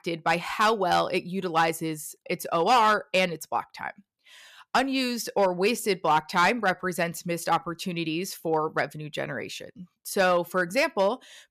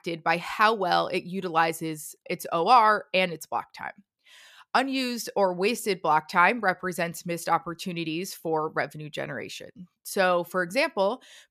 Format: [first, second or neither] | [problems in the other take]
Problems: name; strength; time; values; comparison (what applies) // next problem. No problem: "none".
second | distortion; slight; 2% of the sound clipped